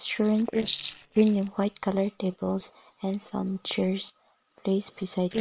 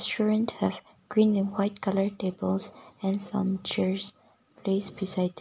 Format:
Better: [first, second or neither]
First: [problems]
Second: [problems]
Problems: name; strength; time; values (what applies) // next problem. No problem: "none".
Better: second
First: noise reduction (neural separator model SepFormer WHAM!)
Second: none